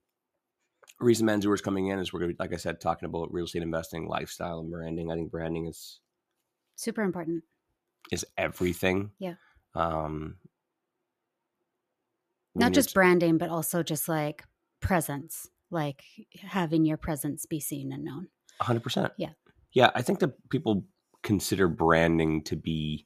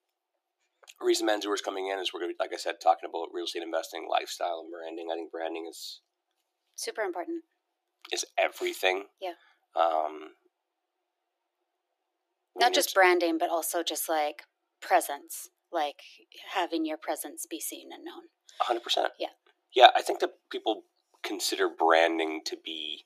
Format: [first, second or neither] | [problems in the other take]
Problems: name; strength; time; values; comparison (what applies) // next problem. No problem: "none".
first | thin; very; fading below 350 Hz